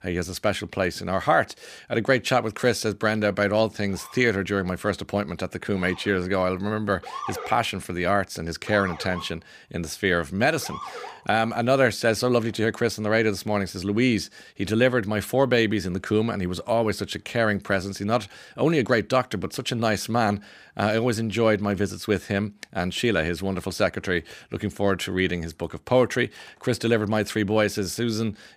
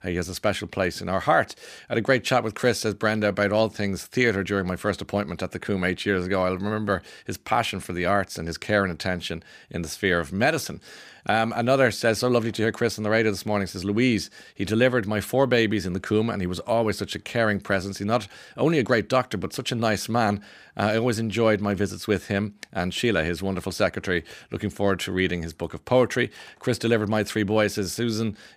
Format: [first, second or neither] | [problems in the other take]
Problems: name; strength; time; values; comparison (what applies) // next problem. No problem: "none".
second | siren; noticeable; from 4 to 11 s; peak 9 dB below the speech